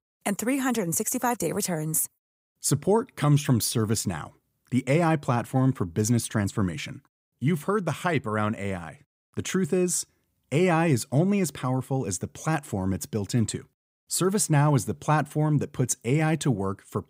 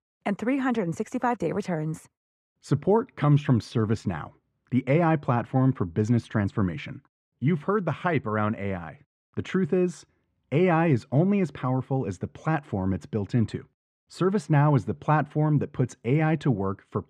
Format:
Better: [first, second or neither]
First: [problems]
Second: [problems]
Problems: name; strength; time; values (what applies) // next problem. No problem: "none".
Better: first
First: none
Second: muffled; very; fading above 2.5 kHz